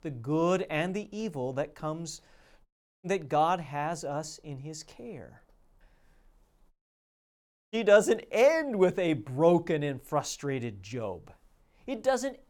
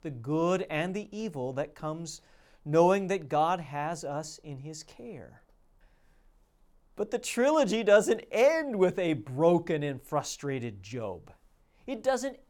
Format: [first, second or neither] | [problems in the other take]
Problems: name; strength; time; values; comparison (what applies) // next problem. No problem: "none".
second | audio cutting out; at 2.5 s and at 6.5 s for 1 s